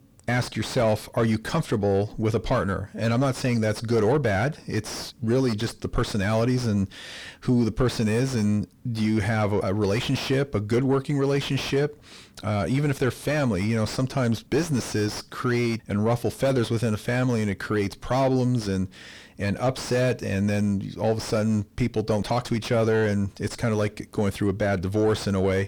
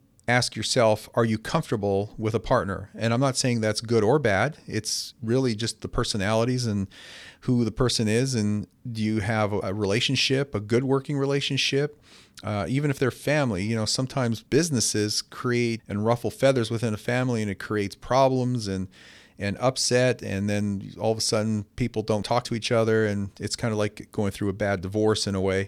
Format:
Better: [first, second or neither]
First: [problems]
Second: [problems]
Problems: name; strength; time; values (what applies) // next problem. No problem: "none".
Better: second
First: distortion; heavy; 8 dB below the speech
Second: none